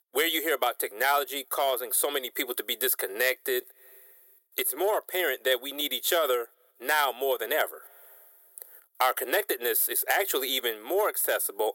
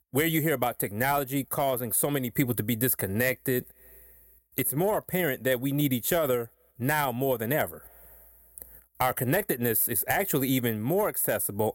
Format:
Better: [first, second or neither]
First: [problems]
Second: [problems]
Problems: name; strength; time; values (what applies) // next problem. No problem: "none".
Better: second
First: thin; very; fading below 350 Hz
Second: none